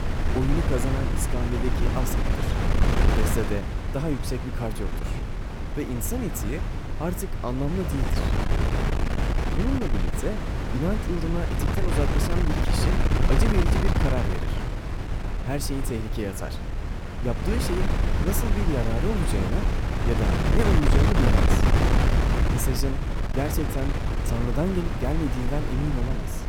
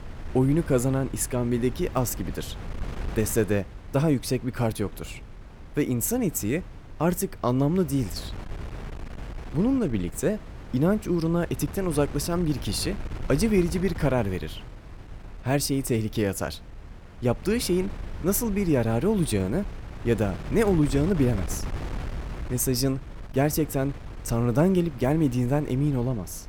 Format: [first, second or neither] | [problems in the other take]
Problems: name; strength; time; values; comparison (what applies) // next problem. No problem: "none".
second | wind noise on the microphone; heavy; 1 dB above the speech; occasional gusts in the second